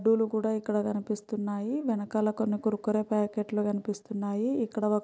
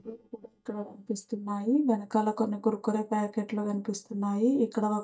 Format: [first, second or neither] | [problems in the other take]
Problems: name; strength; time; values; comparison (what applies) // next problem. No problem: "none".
first | noise reduction (neural mask model DeepFilterNet 3)